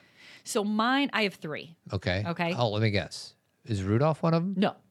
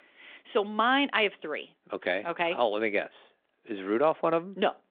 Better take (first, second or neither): first